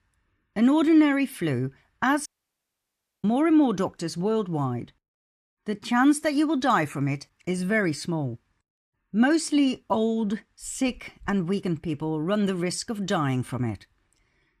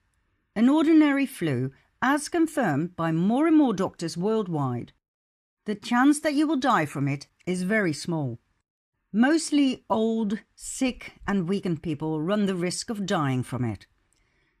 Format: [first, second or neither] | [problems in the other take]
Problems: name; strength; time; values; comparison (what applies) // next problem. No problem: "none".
second | audio cutting out; at 2.5 s for 1 s